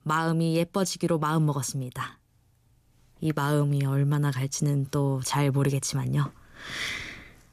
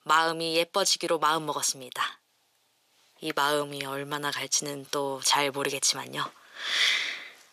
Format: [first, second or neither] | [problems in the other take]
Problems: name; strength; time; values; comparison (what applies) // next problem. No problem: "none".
first | thin; very; fading below 600 Hz